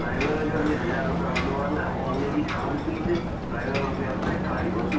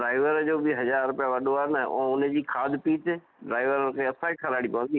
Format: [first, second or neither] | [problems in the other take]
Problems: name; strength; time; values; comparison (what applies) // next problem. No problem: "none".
second | background sound (Ocean); 2 dB above the speech // room echo; dies away in 0.3 s